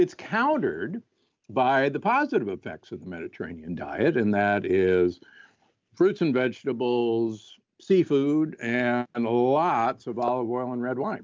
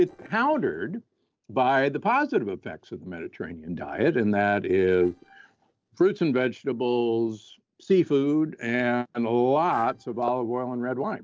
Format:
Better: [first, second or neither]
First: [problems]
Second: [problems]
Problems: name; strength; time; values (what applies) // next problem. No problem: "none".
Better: first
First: none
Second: noise reduction (neural separator model SepFormer DNS4)